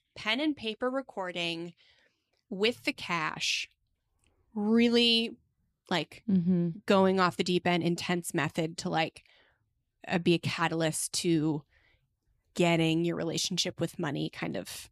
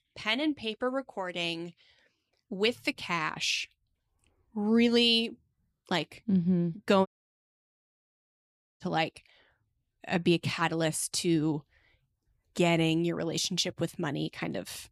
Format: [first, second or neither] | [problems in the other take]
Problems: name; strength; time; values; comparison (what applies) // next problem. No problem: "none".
first | audio cutting out; at 7 s for 1.5 s